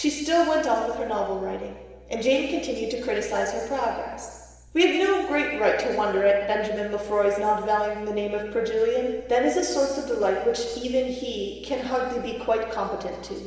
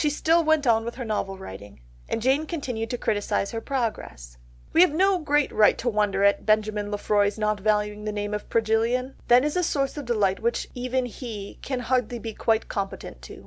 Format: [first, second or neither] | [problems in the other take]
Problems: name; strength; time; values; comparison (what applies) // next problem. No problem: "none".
second | room echo; dies away in 1.2 s